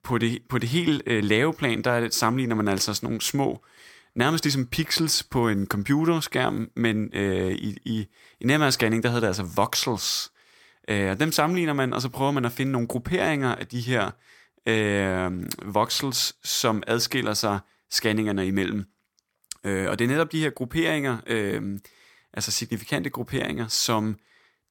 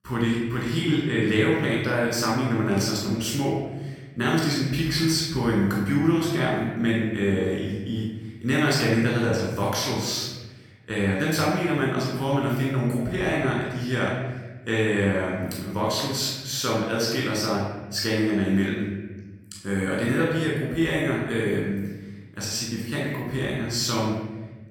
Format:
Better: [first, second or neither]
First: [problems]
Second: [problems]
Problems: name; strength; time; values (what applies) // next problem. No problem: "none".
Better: first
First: none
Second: room echo; noticeable; dies away in 1.4 s // off-mic speech; far